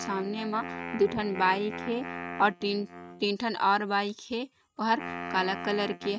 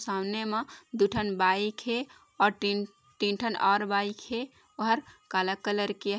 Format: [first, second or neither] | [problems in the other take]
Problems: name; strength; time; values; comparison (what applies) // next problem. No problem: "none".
second | noise reduction (neural mask model RNNoise)